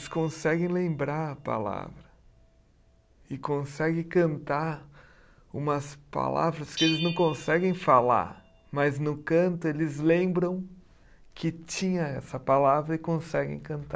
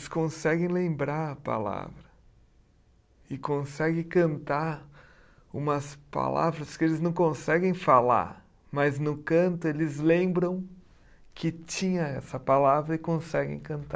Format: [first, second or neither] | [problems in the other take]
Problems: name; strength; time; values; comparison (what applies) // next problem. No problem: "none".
second | background sound (Bell); 17 dB below the speech